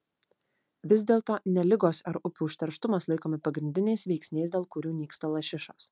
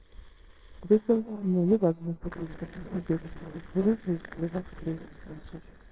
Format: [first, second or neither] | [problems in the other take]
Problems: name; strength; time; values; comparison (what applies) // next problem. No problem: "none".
first | noise reduction (neural separator model SepFormer WHAMR!)